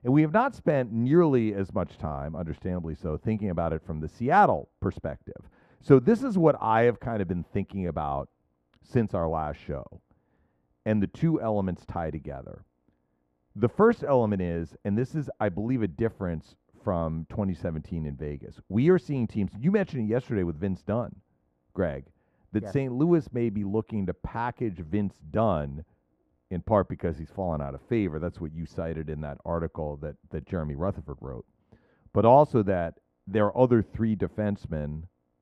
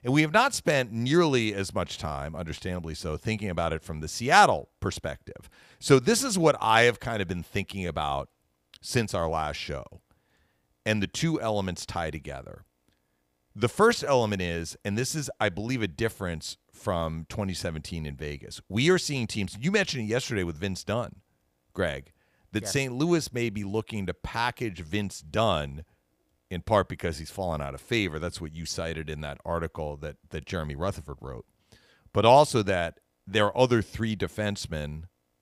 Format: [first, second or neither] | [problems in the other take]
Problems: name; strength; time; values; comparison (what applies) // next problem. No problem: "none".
second | muffled; very; fading above 2.5 kHz